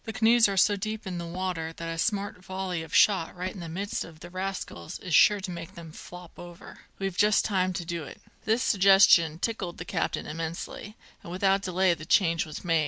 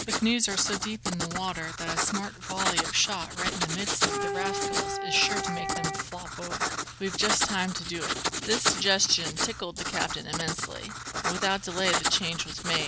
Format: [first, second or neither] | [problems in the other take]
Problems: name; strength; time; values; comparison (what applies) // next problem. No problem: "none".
first | background sound (Wind instrument, woodwind instrument + Writing); 1 dB below the speech